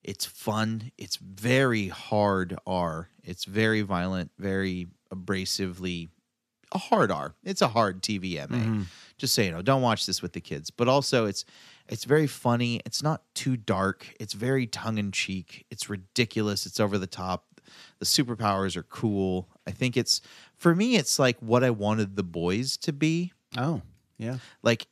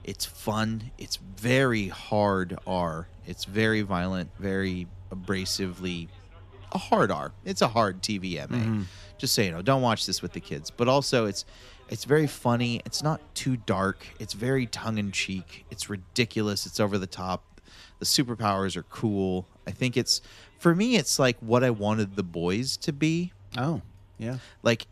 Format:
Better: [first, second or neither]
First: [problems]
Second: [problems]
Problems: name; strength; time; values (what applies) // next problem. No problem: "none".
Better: first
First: none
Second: traffic noise; faint; throughout; 25 dB below the speech